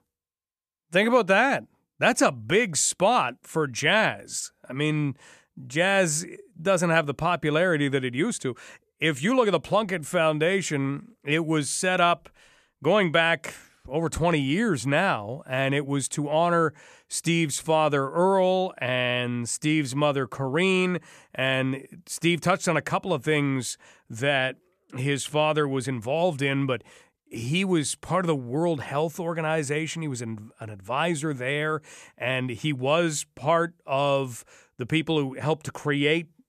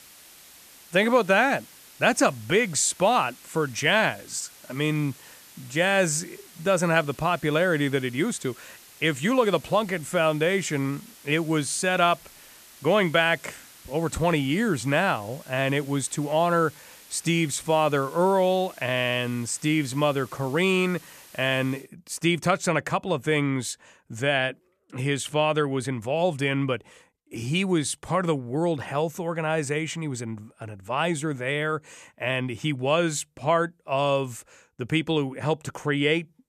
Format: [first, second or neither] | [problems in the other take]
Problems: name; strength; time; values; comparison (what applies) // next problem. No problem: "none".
first | hiss; faint; until 22 s; 20 dB below the speech